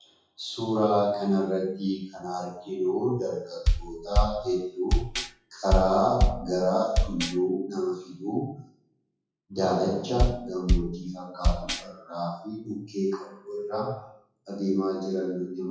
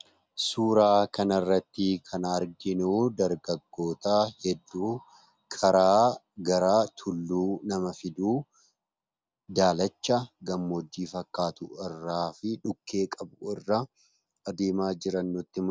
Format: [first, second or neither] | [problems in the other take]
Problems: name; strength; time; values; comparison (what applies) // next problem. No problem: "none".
second | noise reduction (classical method WPE with log-MMSE)